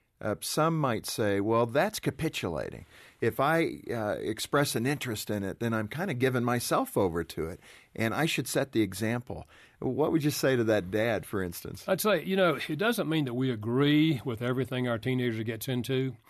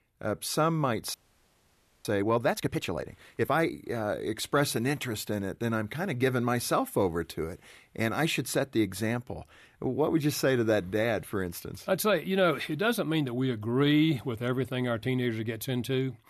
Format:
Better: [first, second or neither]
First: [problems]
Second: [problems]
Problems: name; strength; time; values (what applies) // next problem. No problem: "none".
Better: first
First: none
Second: audio freezing; at 1 s for 1 s